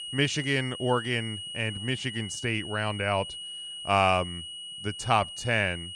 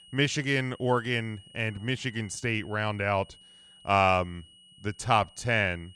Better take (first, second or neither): second